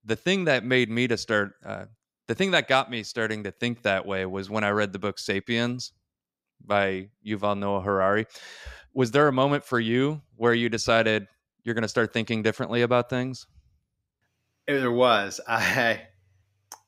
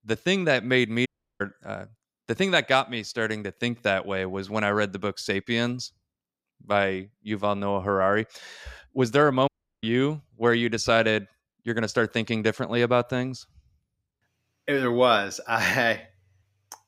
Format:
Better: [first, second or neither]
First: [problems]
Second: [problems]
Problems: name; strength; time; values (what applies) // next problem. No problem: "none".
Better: first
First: none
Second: audio cutting out; at 1 s and at 9.5 s